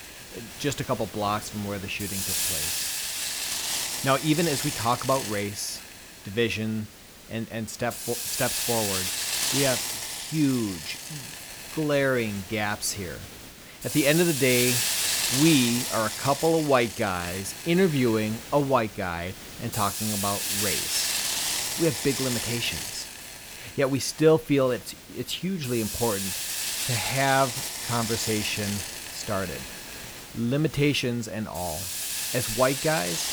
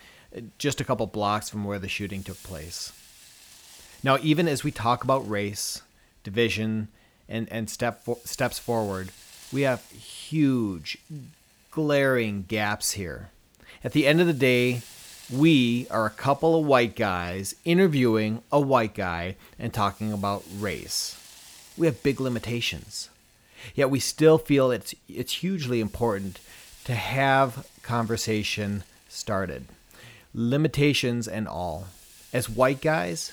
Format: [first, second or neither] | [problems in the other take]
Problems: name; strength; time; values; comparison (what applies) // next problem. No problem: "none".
second | hiss; loud; throughout; 2 dB below the speech; faint in the second